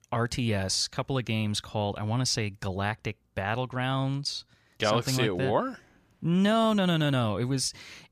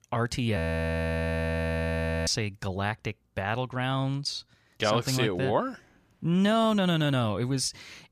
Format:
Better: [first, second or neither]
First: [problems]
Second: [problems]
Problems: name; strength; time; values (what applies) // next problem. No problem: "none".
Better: first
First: none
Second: audio freezing; at 0.5 s for 1.5 s